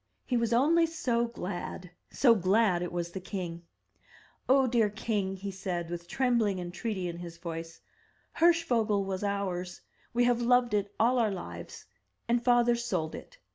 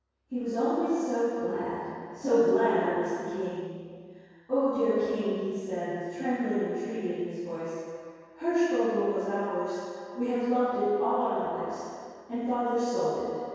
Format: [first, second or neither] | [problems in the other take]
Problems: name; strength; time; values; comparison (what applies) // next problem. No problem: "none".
first | room echo; dies away in 2.2 s